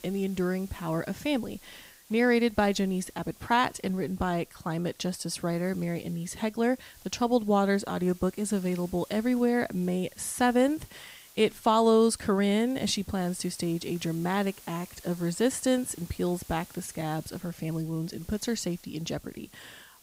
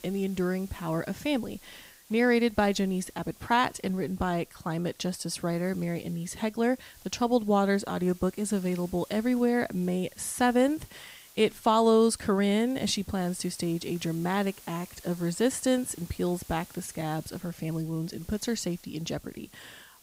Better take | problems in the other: neither | hiss; faint; throughout; 20 dB below the speech; the same in both

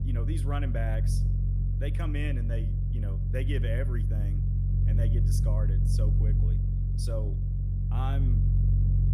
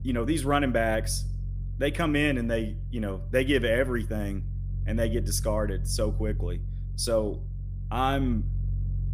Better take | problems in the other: second | low rumble; loud; throughout; 2 dB below the speech; faint in the second

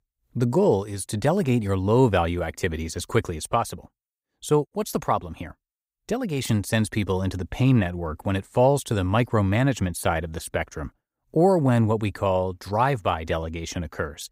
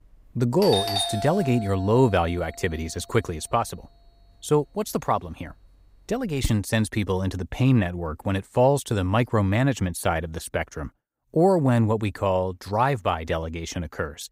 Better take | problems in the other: first | doorbell; loud; from 0.5 to 6.5 s; peak 1 dB above the speech

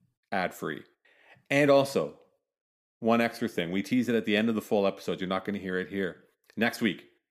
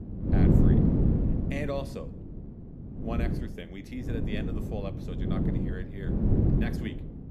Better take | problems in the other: first | wind noise on the microphone; heavy; 4 dB above the speech

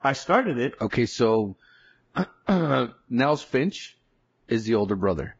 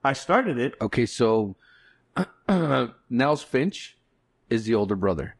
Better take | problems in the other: second | garbled, watery; badly; nothing above 7.5 kHz; slightly in the second

